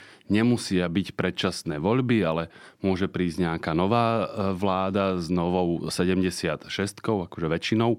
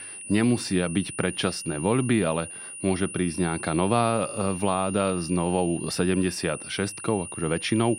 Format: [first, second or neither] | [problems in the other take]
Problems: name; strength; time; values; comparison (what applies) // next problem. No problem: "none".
first | high-pitched whine; loud; throughout; 9.5 kHz, 10 dB below the speech